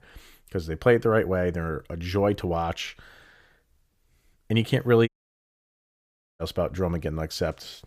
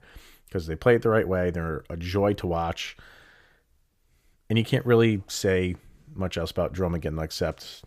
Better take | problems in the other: second | audio cutting out; at 5 s for 1.5 s

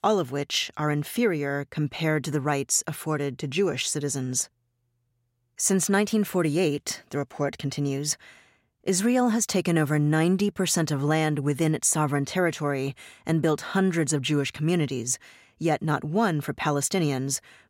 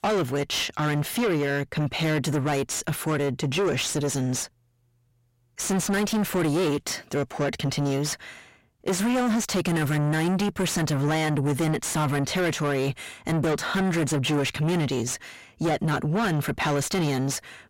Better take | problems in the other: first | distortion; heavy; 5 dB below the speech

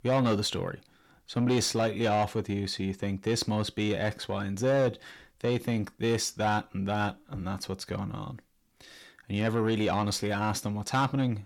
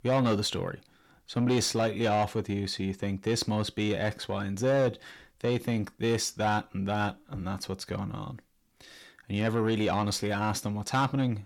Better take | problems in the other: neither | distortion; slight; 10 dB below the speech; the same in both

